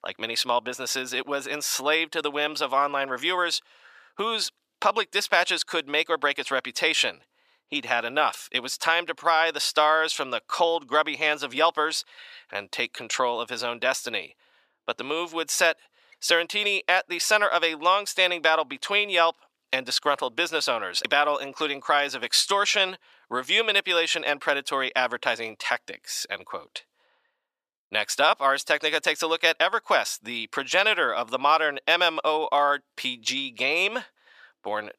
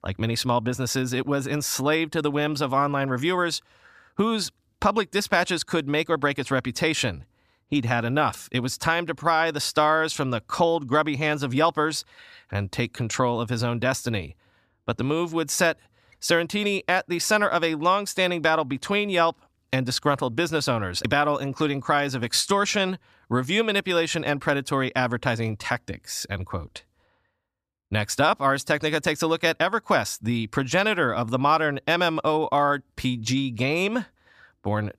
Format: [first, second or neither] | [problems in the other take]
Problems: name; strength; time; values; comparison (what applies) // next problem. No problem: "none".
second | thin; very; fading below 550 Hz